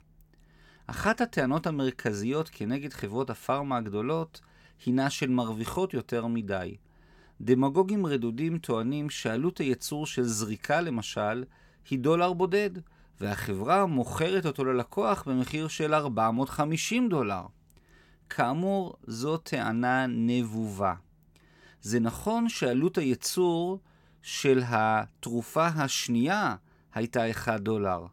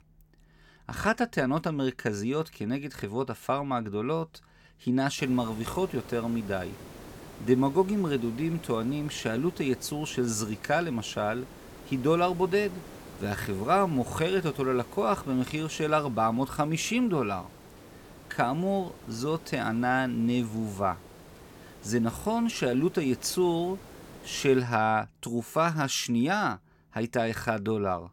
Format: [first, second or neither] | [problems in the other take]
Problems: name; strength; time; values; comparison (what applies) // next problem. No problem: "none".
first | hiss; noticeable; from 5 to 25 s; 20 dB below the speech